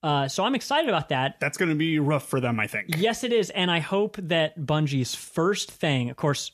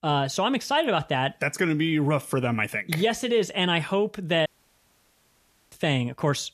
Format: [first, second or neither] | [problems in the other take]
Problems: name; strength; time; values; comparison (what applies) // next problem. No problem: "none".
first | audio cutting out; at 4.5 s for 1.5 s